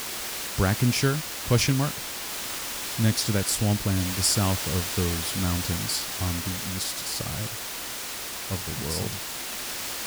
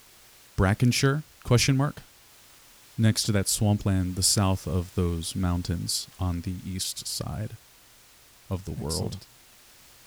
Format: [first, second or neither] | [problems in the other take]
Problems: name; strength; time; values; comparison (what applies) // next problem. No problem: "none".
second | hiss; loud; throughout; 3 dB below the speech; faint in the second